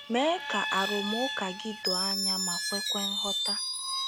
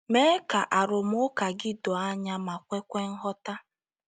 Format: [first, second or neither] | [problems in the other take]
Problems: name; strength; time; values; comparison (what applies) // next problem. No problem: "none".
second | background sound (Screech); 1 dB above the speech